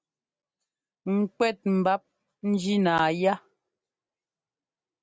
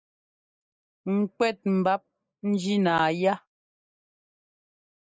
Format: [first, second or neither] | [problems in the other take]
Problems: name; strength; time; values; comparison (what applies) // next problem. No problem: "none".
first | noise reduction (neural mask model Resemble Enhance denoiser)